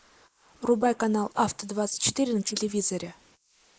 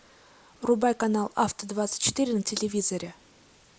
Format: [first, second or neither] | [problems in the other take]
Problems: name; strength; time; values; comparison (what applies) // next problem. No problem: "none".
second | noise reduction (neural mask model Resemble Enhance denoiser)